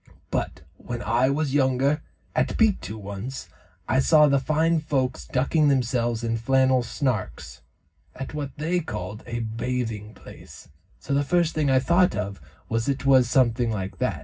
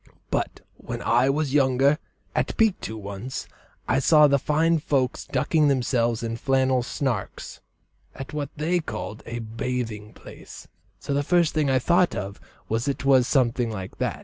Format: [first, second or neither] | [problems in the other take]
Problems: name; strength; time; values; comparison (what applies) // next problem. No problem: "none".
second | room echo; dies away in 0.4 s